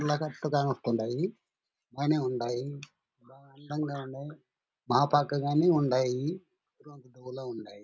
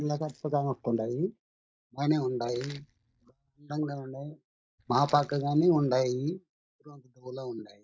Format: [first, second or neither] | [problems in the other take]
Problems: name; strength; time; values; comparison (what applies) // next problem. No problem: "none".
first | noise reduction (neural mask model DeepFilterNet 3)